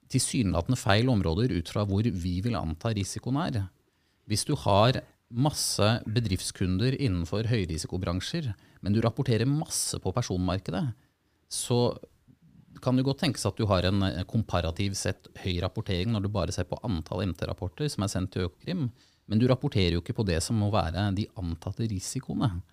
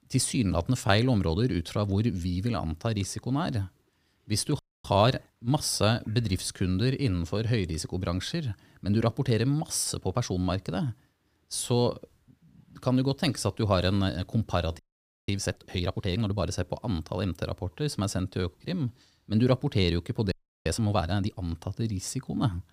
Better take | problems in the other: first | audio freezing; at 4.5 s, at 15 s and at 20 s

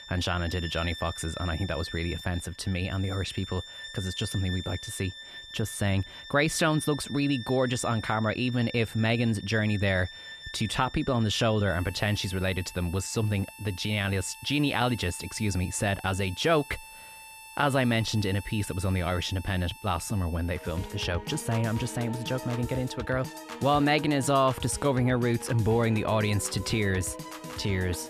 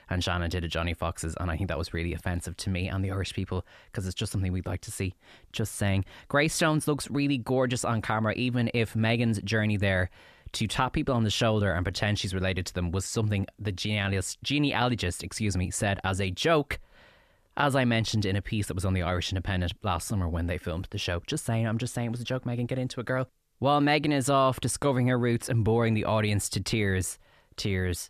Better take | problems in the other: second | background music; noticeable; throughout; 15 dB below the speech

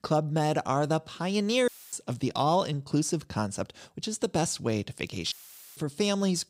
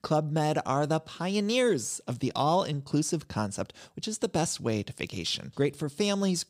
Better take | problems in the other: second | audio cutting out; filled with static; at 1.5 s and at 5.5 s

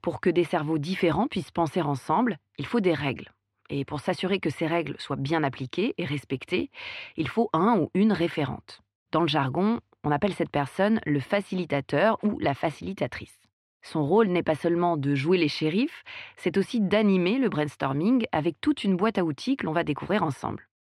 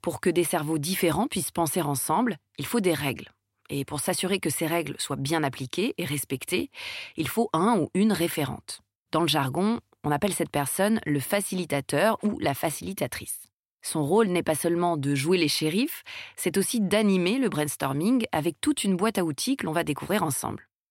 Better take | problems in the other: second | muffled; slightly; fading above 3 kHz

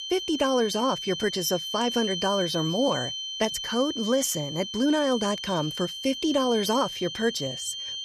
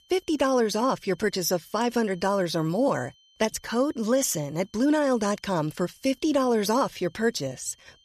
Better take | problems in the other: second | high-pitched whine; loud; throughout; 3 kHz, 5 dB below the speech; faint in the second

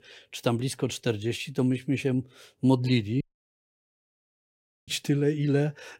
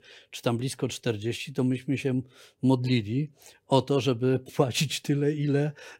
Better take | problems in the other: second | audio cutting out; at 3 s for 1.5 s

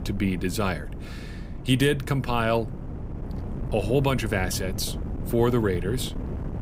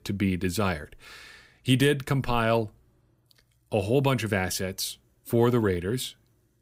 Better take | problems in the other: second | wind noise on the microphone; occasional gusts; 15 dB below the speech

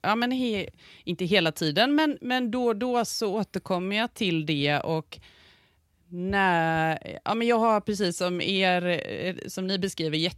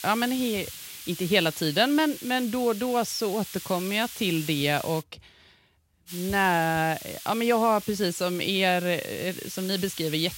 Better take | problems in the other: first | hiss; noticeable; until 5 s and from 6 s on; 10 dB below the speech

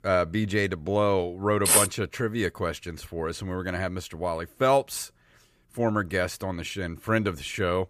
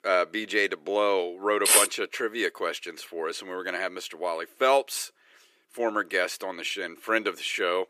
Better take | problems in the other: first | thin; somewhat; fading below 350 Hz

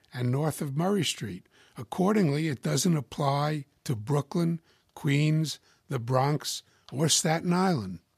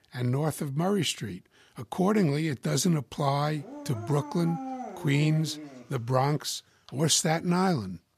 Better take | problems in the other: first | dog barking; noticeable; from 3.5 to 6 s; peak 9 dB below the speech

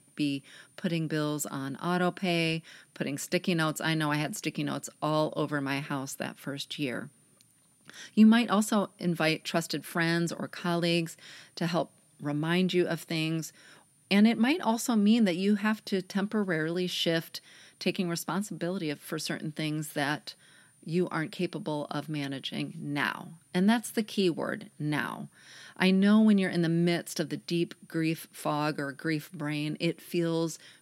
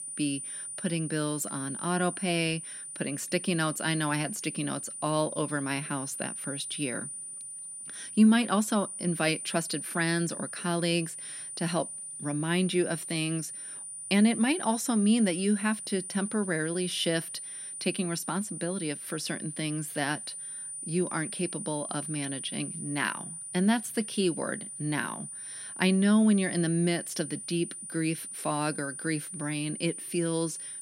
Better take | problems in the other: first | high-pitched whine; loud; throughout; 9.5 kHz, 7 dB below the speech; faint in the first

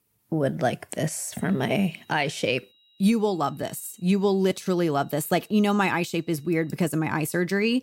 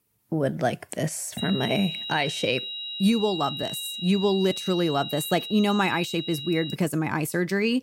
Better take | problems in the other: first | high-pitched whine; loud; from 1.5 to 7 s; 4 kHz, 6 dB below the speech; faint in the first

